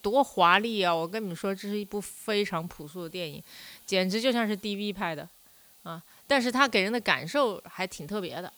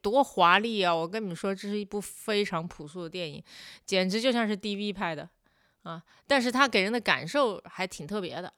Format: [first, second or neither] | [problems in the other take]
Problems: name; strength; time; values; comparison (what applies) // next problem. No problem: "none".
second | hiss; faint; throughout; 25 dB below the speech